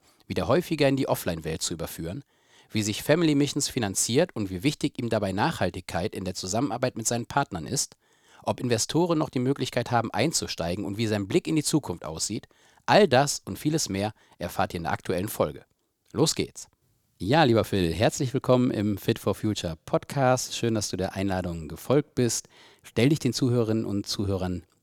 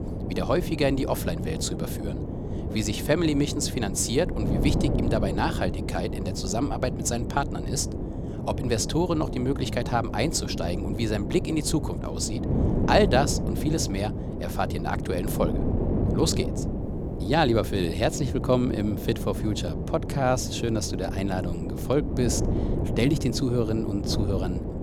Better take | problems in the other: first | wind noise on the microphone; heavy; 8 dB below the speech

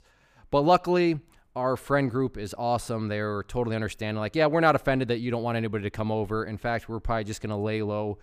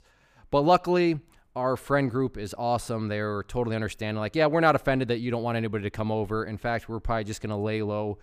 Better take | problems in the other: neither | none

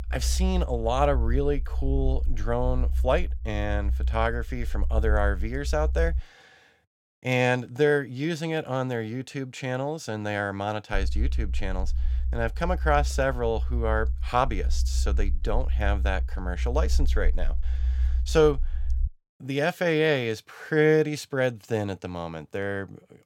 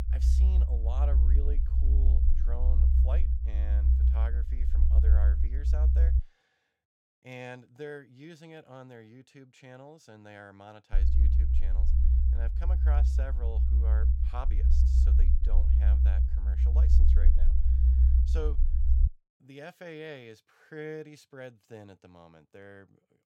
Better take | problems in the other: first | low rumble; loud; until 6 s and from 11 to 19 s; as loud as the speech; faint in the first

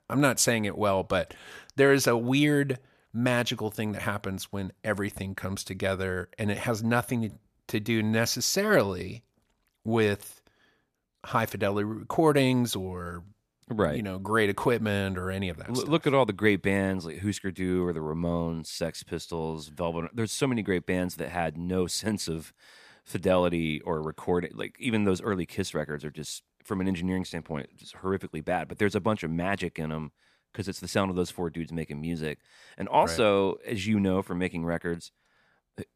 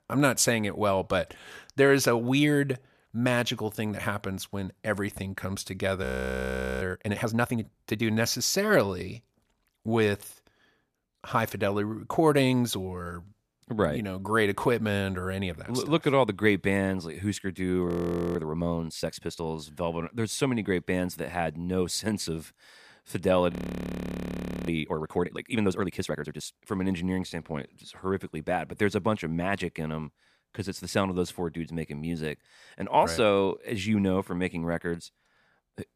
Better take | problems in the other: first | audio freezing; at 6 s for 1 s, at 18 s and at 24 s for 1 s

